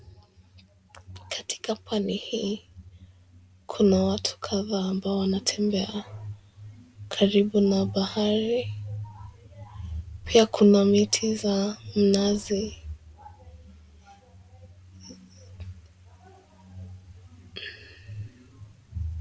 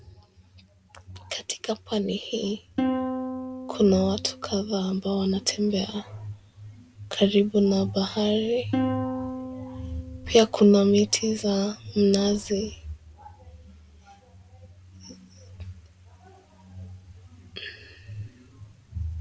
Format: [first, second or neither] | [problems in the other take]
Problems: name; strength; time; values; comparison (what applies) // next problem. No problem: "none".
first | background sound (Plucked string instrument); 7 dB below the speech